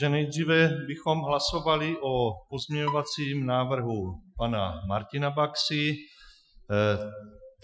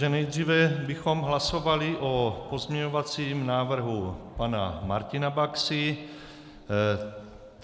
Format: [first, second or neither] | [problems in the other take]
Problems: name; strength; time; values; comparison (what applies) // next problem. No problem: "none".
second | noise reduction (classical method Wiener filter)